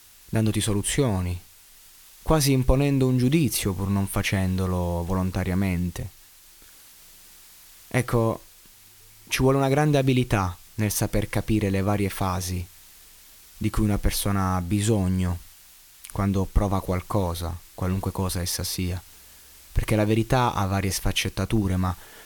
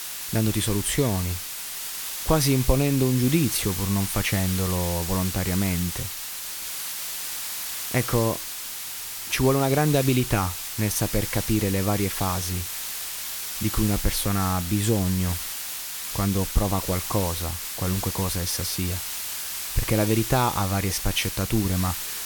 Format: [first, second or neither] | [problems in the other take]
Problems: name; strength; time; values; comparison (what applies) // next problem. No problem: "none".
first | hiss; loud; throughout; 4 dB below the speech; faint in the first